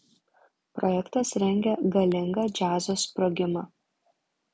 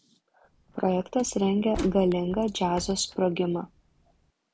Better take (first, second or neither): first